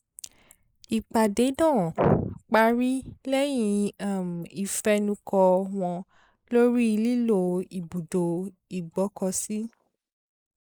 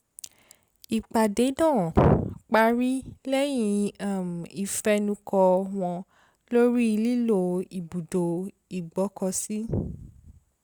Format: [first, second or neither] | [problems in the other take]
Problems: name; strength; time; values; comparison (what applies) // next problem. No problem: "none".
second | noise reduction (neural mask model Resemble Enhance denoiser)